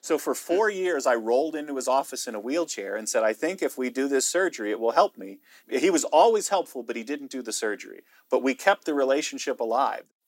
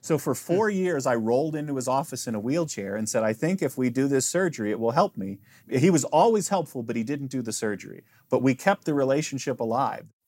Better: second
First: thin; somewhat; fading below 300 Hz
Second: none

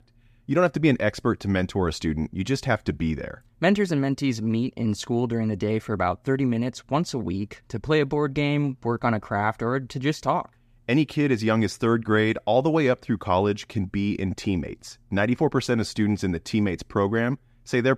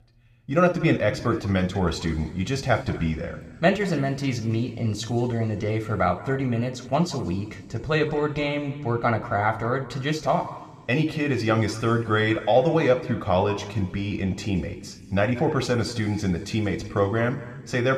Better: first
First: none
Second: room echo; slight; dies away in 2.4 s

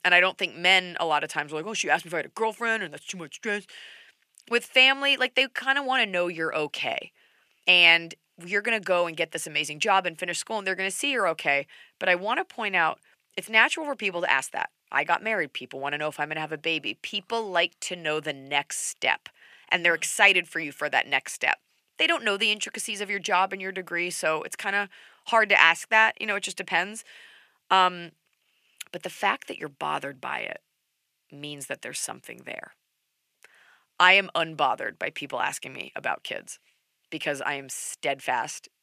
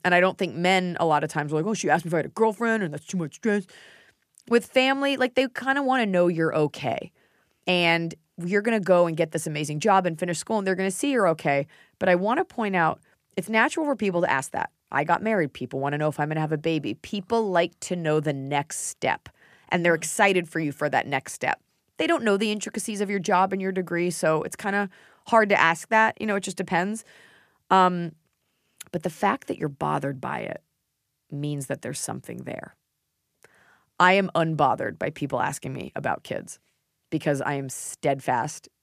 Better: second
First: thin; somewhat; fading below 800 Hz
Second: none

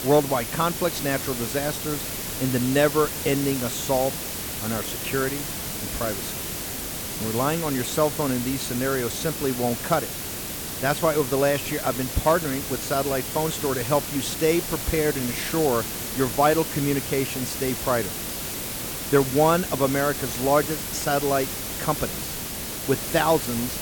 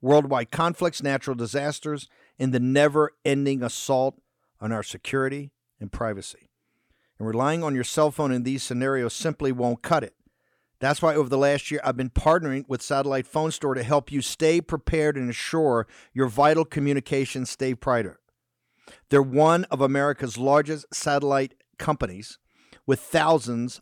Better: second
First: hiss; loud; throughout; 4 dB below the speech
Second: none

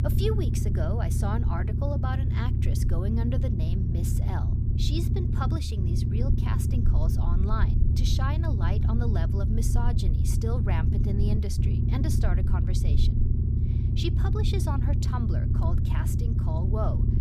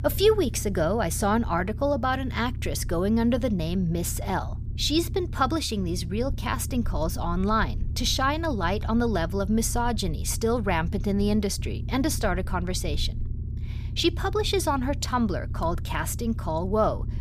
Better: second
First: low rumble; loud; throughout; 2 dB below the speech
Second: low rumble; faint; throughout; 20 dB below the speech

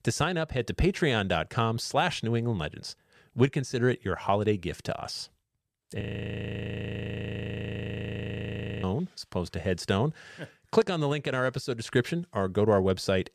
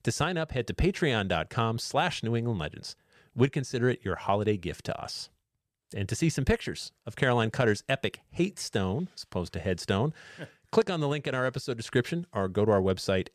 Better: second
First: audio freezing; at 6 s for 3 s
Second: none

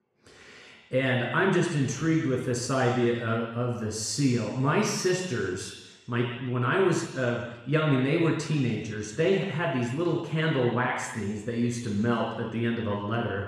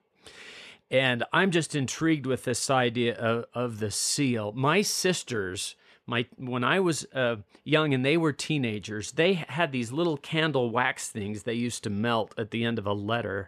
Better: second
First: room echo; noticeable; dies away in 1 s // off-mic speech; far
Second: none

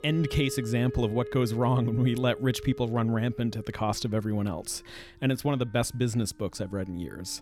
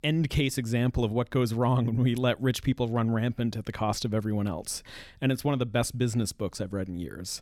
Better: second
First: background music; noticeable; throughout; 15 dB below the speech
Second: none

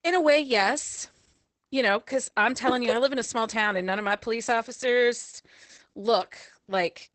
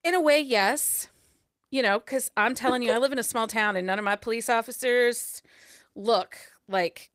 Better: second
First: garbled, watery; badly; nothing above 8 kHz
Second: garbled, watery; slightly; nothing above 15.5 kHz

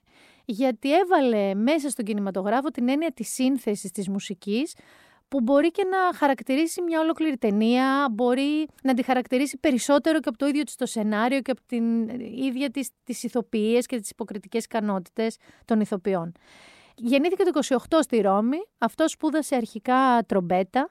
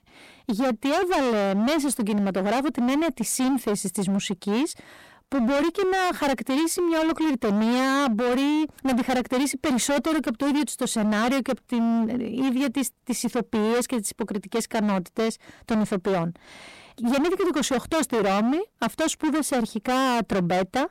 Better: first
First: none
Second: distortion; heavy; 30% of the sound clipped

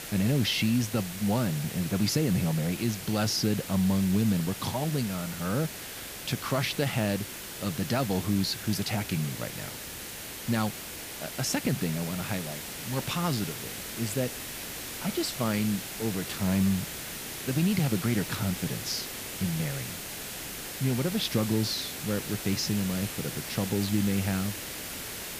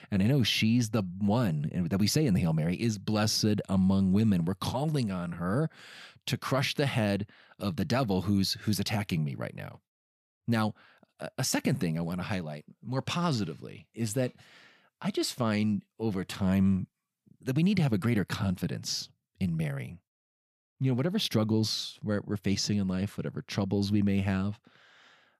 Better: second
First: hiss; loud; throughout; 7 dB below the speech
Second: none

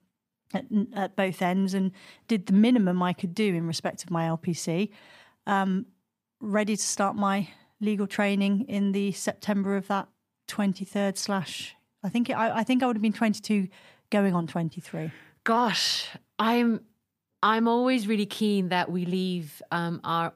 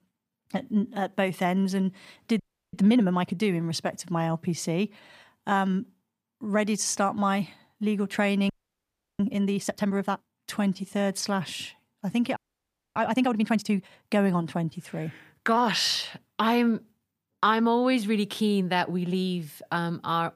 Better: first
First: none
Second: audio freezing; at 2.5 s, at 8.5 s for 0.5 s and at 12 s for 0.5 s

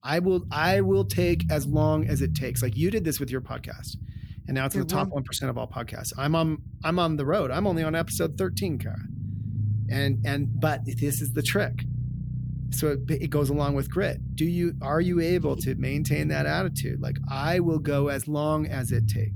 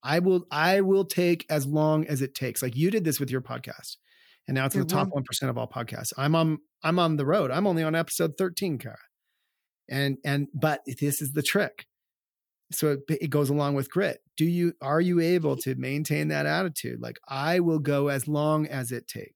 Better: second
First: low rumble; noticeable; throughout; 15 dB below the speech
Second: none

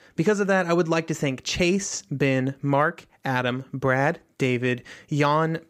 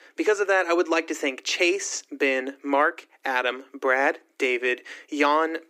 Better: first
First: none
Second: thin; somewhat; fading below 300 Hz

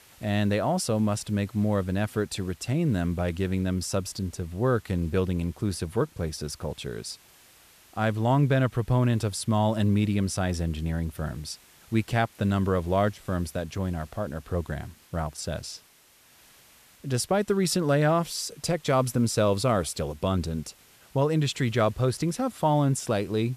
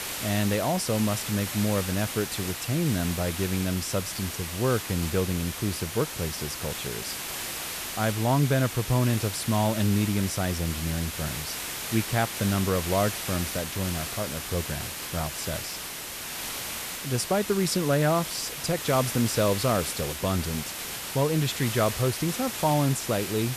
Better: first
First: hiss; faint; throughout; 25 dB below the speech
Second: hiss; loud; throughout; 5 dB below the speech

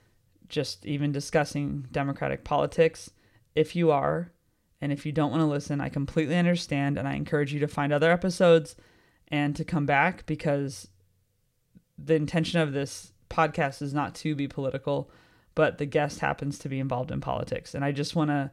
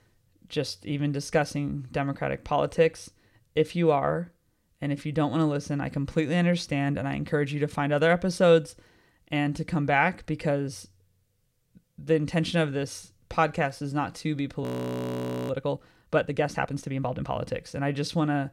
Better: first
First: none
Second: audio freezing; at 15 s for 1 s

